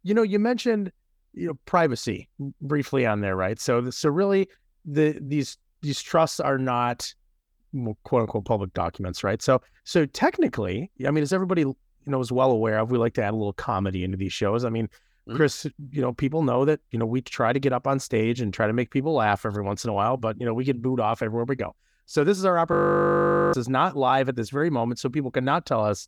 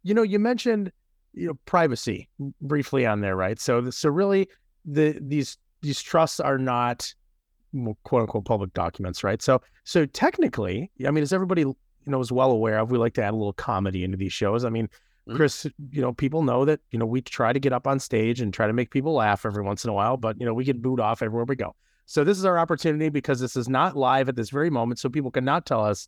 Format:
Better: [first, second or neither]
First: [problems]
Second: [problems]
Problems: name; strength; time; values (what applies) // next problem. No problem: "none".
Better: second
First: audio freezing; at 23 s for 1 s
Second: none